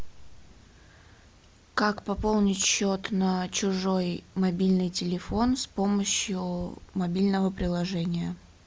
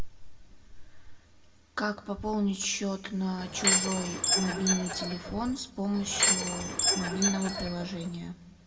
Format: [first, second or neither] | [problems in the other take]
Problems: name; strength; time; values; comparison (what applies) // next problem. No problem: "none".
first | background sound (Door / Chime); 3 dB above the speech // room echo; dies away in 1.5 s